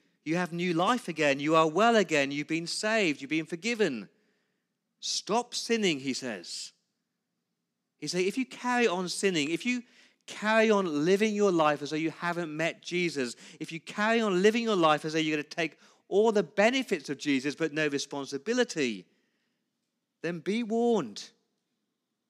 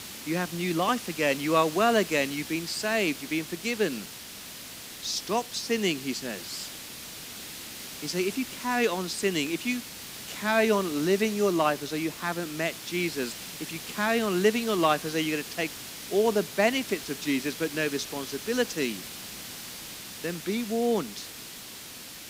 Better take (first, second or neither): first